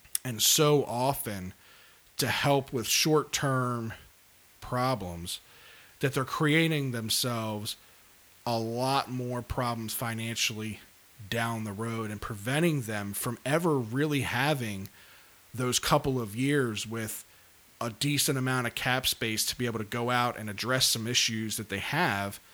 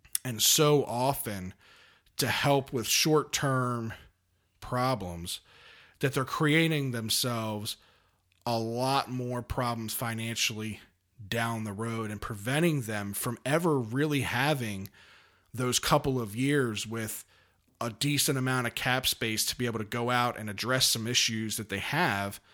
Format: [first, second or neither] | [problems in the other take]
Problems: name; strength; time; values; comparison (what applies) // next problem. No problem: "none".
second | hiss; faint; throughout; 25 dB below the speech